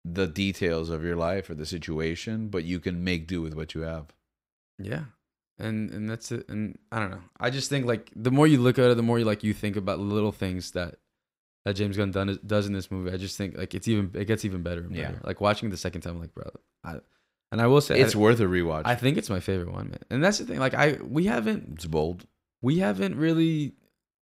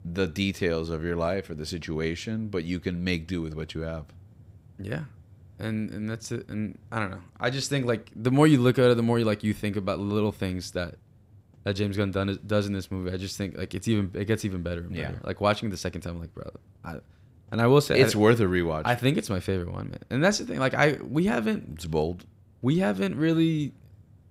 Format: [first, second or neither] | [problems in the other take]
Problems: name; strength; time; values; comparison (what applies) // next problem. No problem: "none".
first | hiss; faint; throughout; 30 dB below the speech